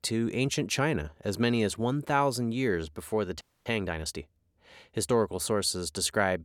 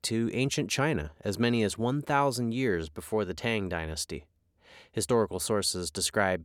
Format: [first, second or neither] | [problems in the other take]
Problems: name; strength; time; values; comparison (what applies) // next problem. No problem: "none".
second | audio freezing; at 3.5 s